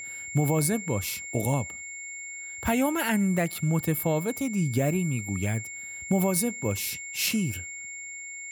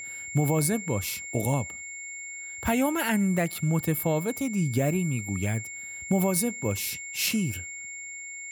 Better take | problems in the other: neither | high-pitched whine; loud; throughout; 2 kHz, 9 dB below the speech; the same in both

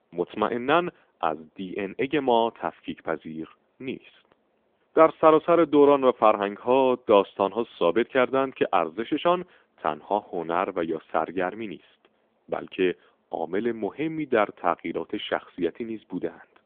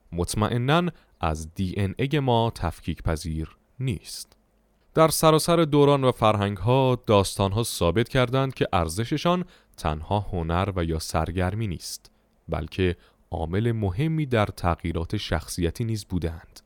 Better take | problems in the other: second | phone-call audio; nothing above 3.5 kHz

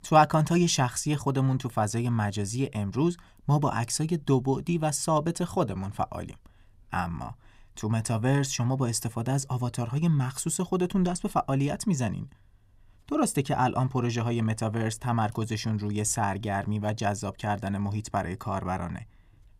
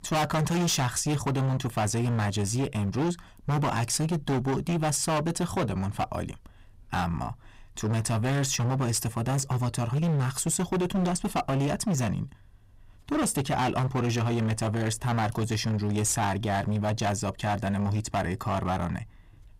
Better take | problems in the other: first | distortion; heavy; 22% of the sound clipped

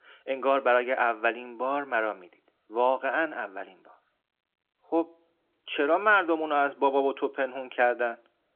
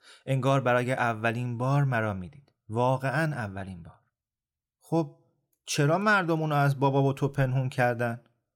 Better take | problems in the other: second | phone-call audio; nothing above 3.5 kHz

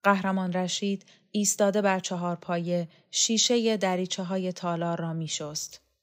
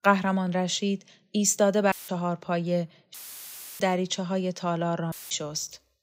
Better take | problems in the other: first | audio cutting out; filled with static; at 2 s, at 3 s for 0.5 s and at 5 s

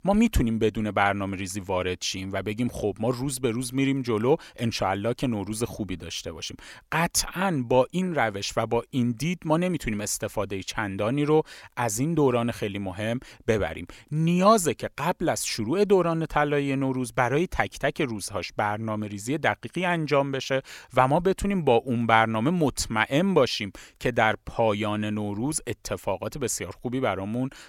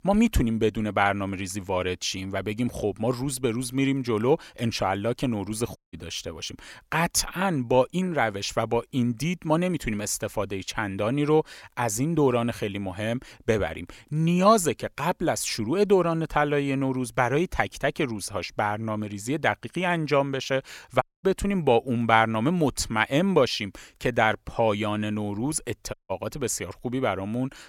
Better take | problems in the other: first | audio cutting out; at 6 s, at 21 s and at 26 s

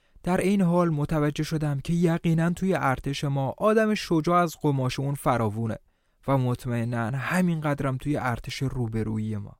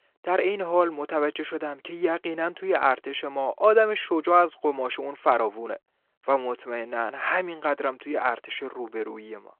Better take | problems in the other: first | phone-call audio

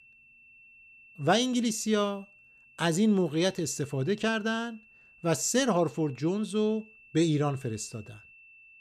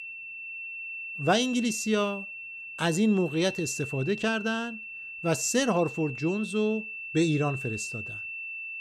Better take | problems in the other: first | high-pitched whine; loud; throughout; 2.5 kHz, 9 dB below the speech; faint in the first

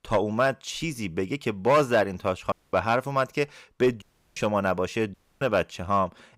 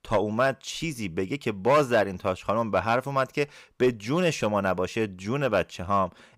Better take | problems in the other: second | audio cutting out; at 2.5 s, at 4 s and at 5 s

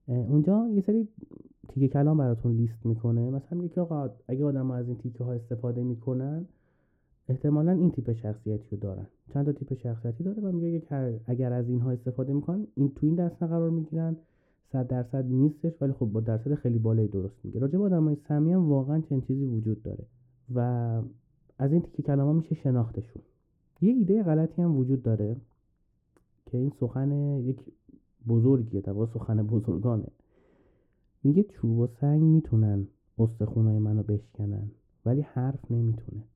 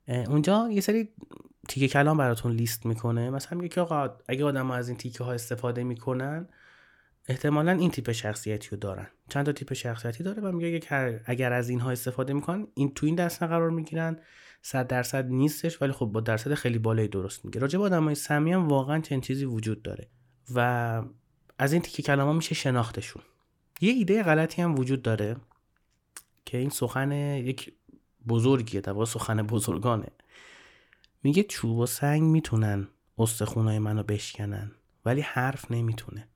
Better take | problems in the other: second | muffled; very; fading above 1 kHz

